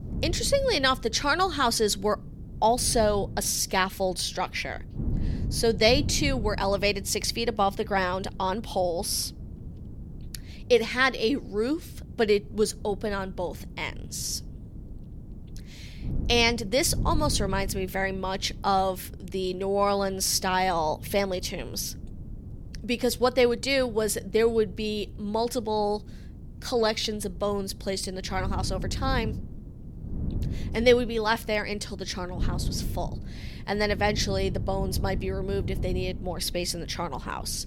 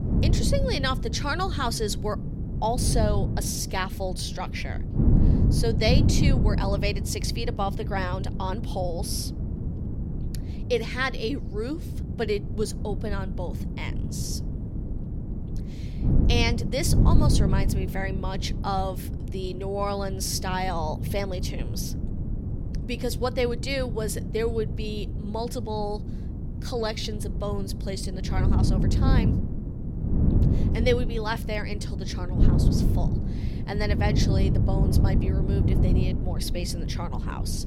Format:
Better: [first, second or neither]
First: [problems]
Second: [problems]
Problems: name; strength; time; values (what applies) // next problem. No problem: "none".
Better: first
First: wind noise on the microphone; occasional gusts; 20 dB below the speech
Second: wind noise on the microphone; heavy; 7 dB below the speech